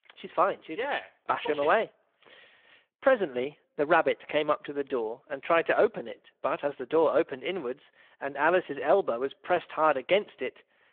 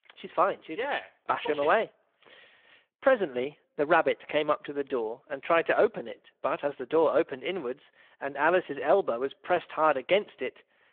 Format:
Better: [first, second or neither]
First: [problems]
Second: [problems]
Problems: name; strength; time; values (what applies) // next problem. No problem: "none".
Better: neither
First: phone-call audio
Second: phone-call audio